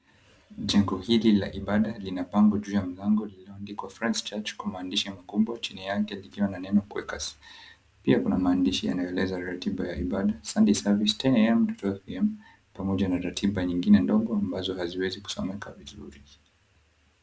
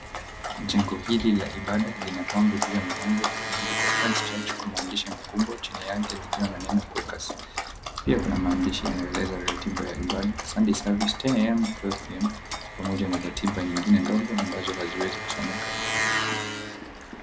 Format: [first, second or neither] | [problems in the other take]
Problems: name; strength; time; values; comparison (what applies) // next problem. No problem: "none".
first | background sound (Dog + Engine); 4 dB below the speech